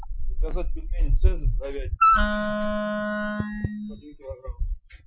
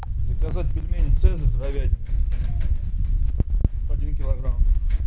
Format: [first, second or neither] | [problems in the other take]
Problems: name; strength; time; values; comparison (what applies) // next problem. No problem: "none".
second | noise reduction (classical method Wiener filter)